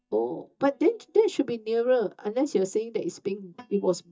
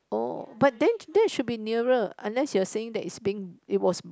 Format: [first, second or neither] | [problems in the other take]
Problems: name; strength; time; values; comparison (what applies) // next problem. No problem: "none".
second | noise reduction (neural mask model DeepFilterNet 3)